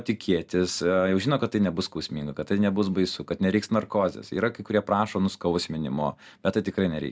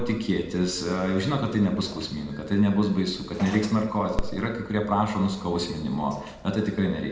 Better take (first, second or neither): first